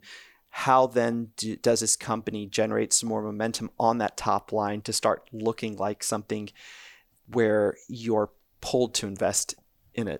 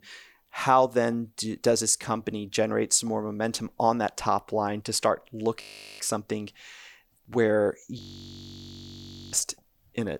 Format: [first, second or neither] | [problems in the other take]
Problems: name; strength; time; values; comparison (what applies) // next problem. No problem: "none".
first | audio freezing; at 5.5 s and at 8 s for 1.5 s